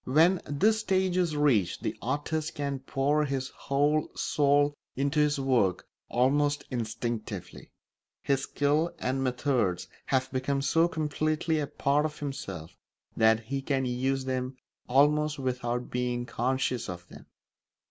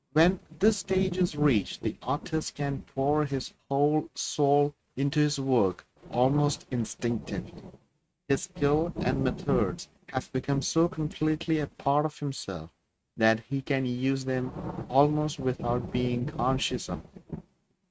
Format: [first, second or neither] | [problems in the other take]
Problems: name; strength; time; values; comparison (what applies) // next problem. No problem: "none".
first | noise reduction (neural mask model RNNoise)